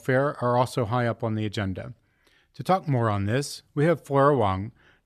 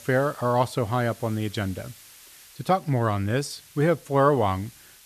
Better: first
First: none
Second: hiss; faint; throughout; 25 dB below the speech

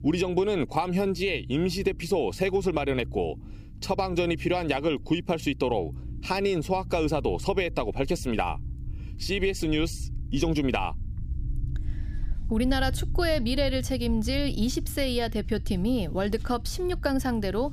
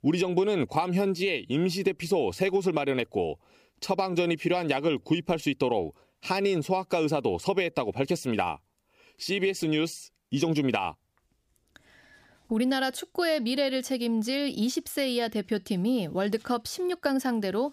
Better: second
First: low rumble; faint; throughout; 25 dB below the speech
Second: none

